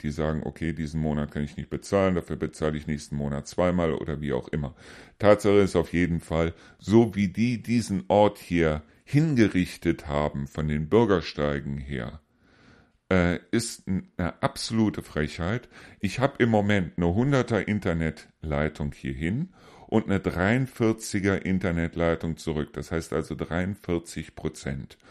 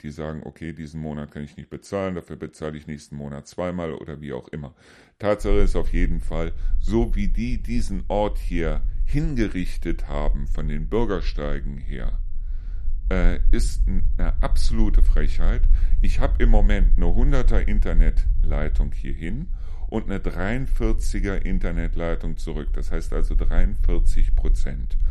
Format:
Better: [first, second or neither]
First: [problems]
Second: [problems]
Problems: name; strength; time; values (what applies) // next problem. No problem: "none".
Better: first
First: none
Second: low rumble; faint; from 5.5 s on; 20 dB below the speech